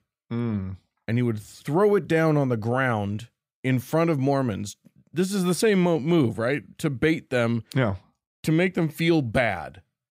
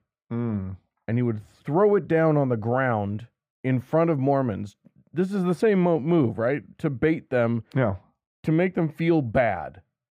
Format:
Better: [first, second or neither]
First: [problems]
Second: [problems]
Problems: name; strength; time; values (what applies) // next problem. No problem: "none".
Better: first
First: none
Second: muffled; very; fading above 3 kHz